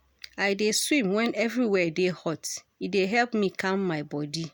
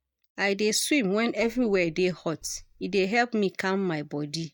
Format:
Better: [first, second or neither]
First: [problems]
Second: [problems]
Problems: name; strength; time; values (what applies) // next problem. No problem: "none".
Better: first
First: none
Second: noise reduction (neural mask model DeepFilterNet 3)